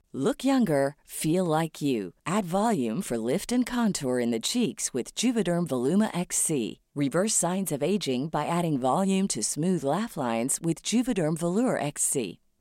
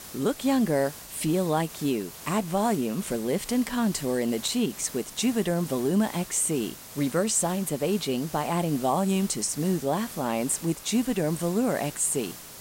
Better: first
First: none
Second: hiss; noticeable; throughout; 15 dB below the speech

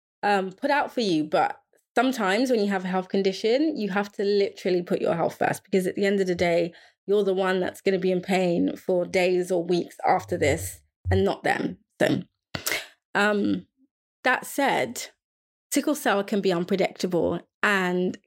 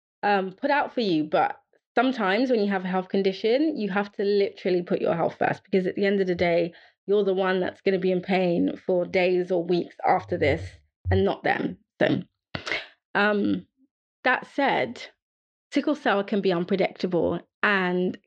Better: first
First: none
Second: muffled; very slightly; fading above 4 kHz

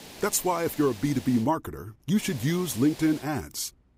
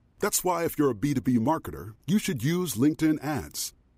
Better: second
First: hiss; noticeable; until 1.5 s and from 2 to 3 s; 15 dB below the speech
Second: none

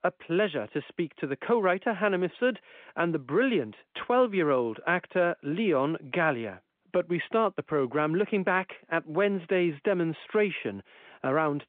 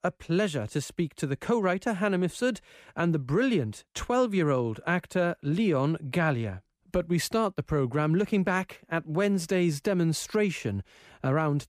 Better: second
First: phone-call audio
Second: none

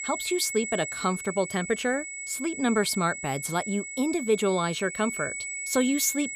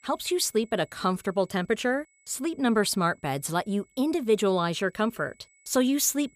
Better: second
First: high-pitched whine; loud; throughout; 2 kHz, 6 dB below the speech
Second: high-pitched whine; faint; throughout; 2 kHz, 35 dB below the speech

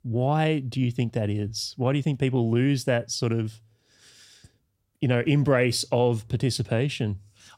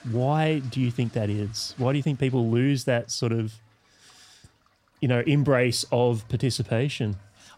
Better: first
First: none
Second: household noises; faint; throughout; 30 dB below the speech

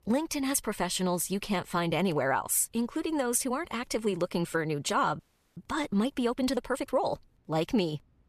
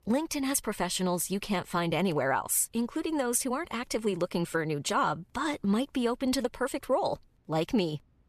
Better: second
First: audio freezing; at 5 s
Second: none

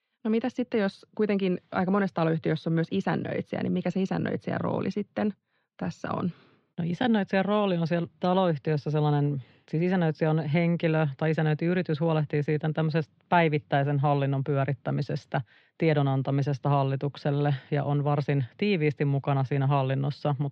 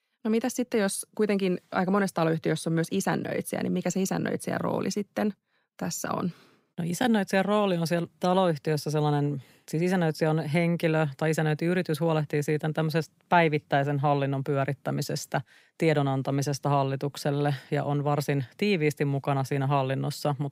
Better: second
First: muffled; slightly; fading above 3.5 kHz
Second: none

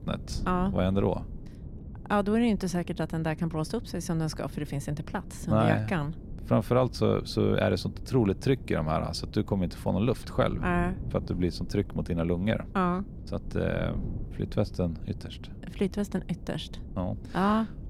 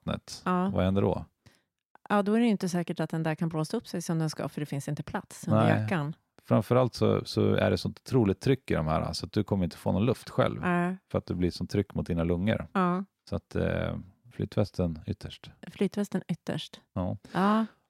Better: second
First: wind noise on the microphone; occasional gusts; 20 dB below the speech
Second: none

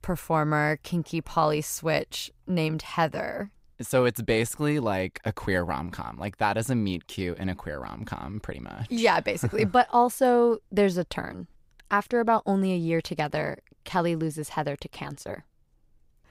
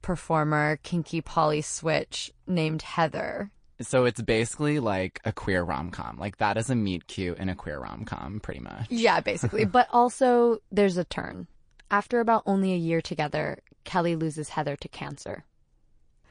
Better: first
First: none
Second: garbled, watery; slightly; nothing above 8.5 kHz

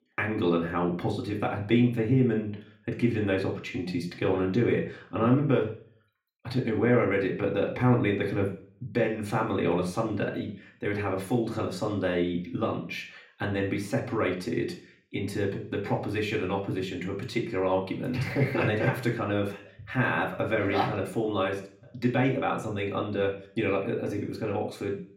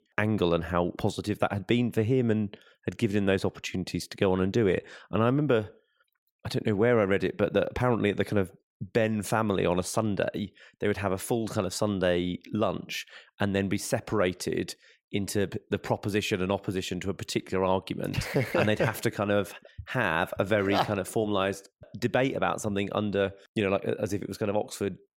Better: second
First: room echo; slight; dies away in 0.5 s // off-mic speech; somewhat distant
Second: none

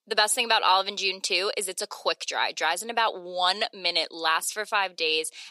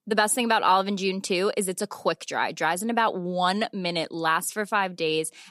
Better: second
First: thin; very; fading below 500 Hz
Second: none

